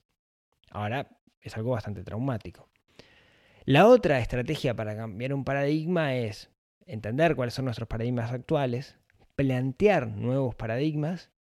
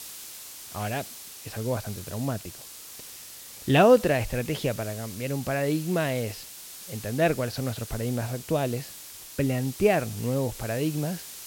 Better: first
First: none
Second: hiss; noticeable; throughout; 15 dB below the speech

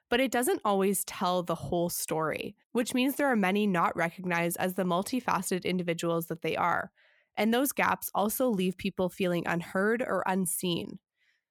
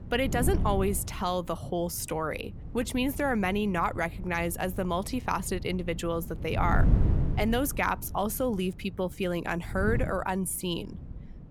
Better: first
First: none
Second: wind noise on the microphone; occasional gusts; 15 dB below the speech

